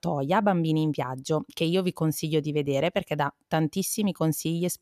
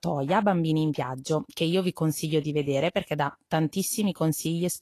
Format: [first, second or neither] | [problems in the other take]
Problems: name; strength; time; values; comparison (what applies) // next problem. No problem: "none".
first | garbled, watery; slightly; nothing above 12.5 kHz